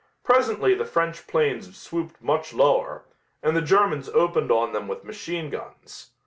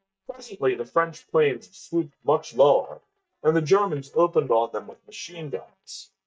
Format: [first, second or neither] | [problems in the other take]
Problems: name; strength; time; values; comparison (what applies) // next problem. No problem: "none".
first | noise reduction (neural mask model DeepFilterNet 3)